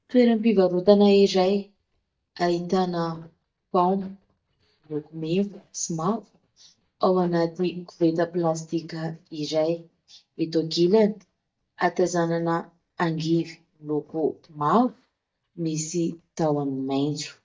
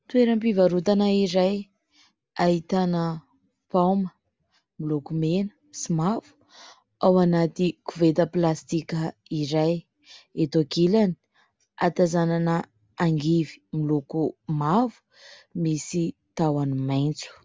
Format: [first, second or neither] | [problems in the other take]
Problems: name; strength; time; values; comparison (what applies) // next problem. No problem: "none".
second | noise reduction (neural mask model DeepFilterNet 3)